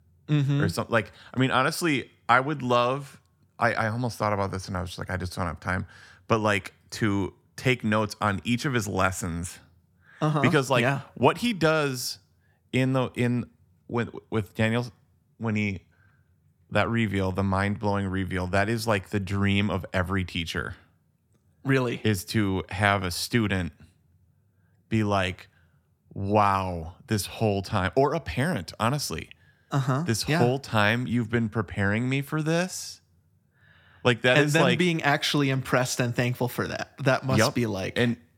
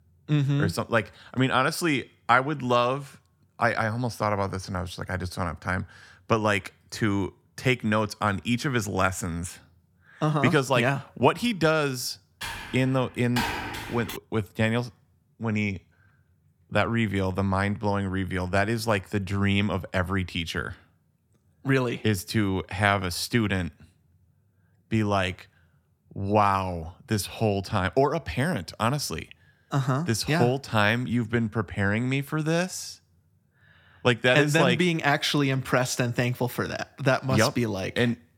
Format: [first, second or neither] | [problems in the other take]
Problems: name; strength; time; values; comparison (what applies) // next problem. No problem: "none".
first | keyboard typing; noticeable; from 12 to 14 s; peak 3 dB below the speech